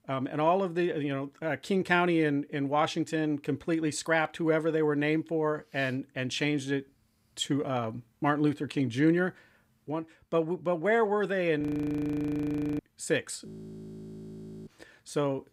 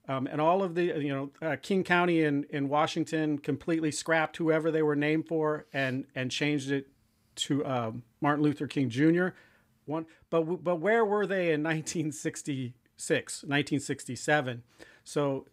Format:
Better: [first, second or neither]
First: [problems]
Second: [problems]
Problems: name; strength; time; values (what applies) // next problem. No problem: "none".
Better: second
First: audio freezing; at 12 s for 1 s and at 13 s for 1 s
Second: none